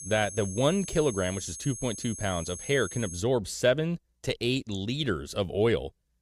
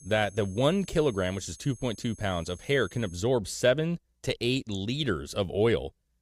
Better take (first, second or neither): second